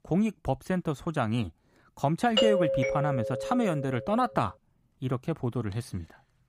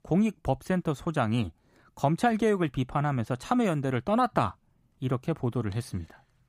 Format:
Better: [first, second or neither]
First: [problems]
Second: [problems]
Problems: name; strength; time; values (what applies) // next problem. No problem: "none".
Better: second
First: doorbell; loud; from 2.5 to 4 s; peak 5 dB above the speech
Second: none